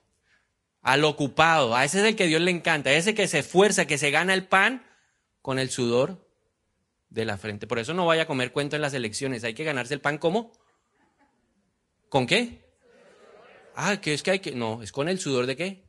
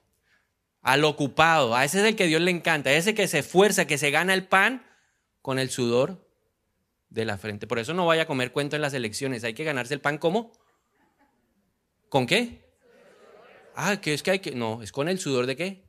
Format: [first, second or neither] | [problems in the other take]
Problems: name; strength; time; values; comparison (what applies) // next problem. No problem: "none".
second | garbled, watery; slightly; nothing above 10.5 kHz